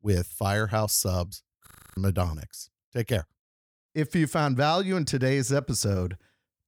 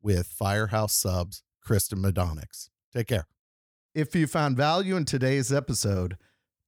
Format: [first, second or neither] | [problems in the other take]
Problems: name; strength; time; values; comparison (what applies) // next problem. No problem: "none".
second | audio freezing; at 1.5 s